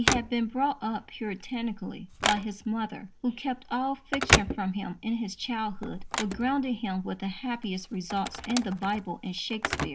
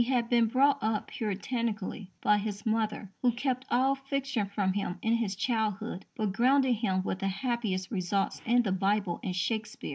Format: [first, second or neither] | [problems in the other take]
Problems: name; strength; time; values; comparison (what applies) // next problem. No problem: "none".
second | background sound (Telephone); 3 dB below the speech